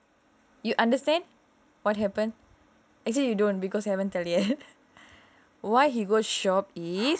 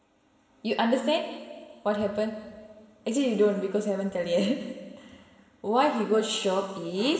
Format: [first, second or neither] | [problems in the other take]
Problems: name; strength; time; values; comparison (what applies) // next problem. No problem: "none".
first | room echo; dies away in 1.5 s